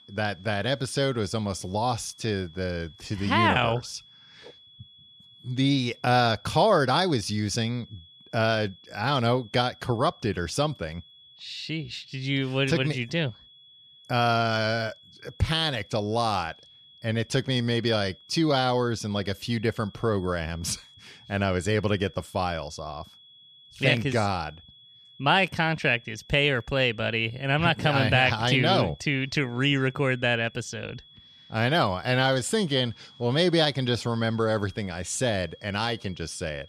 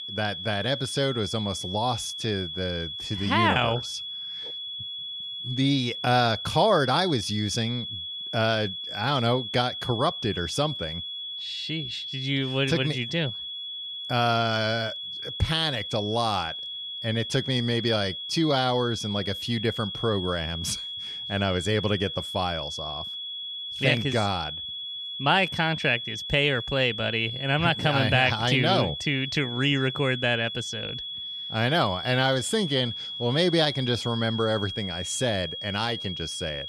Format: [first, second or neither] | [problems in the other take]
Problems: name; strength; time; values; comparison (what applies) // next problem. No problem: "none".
first | high-pitched whine; loud; throughout; 3.5 kHz, 6 dB below the speech; faint in the first